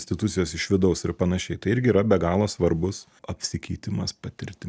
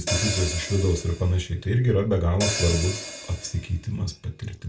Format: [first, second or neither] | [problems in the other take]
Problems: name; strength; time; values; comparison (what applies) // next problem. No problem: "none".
first | background sound (Hi-hat); 8 dB below the speech // room echo; dies away in 0.2 s